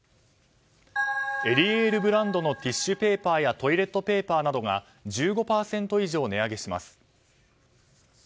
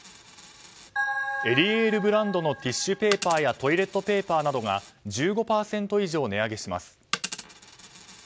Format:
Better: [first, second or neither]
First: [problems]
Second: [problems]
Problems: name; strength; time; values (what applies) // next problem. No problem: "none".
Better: first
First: none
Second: background sound (Coin (dropping)); 15 dB below the speech